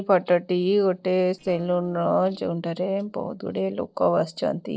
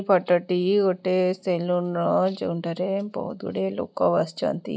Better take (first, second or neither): second